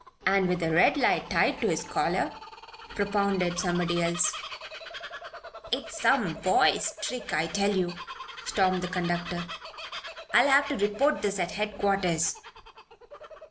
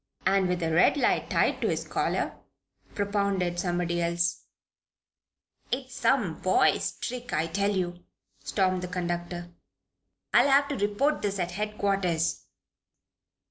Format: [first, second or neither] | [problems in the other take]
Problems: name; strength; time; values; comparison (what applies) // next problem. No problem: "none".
second | background sound (Bird vocalization, bird call, bird song); 13 dB below the speech